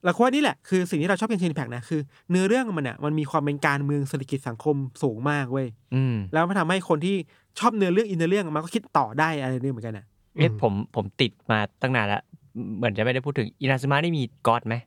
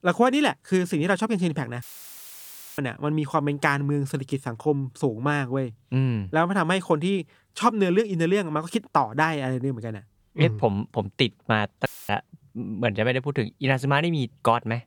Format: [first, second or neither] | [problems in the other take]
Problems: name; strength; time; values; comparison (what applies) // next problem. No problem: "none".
first | audio cutting out; filled with static; at 2 s for 1 s and at 12 s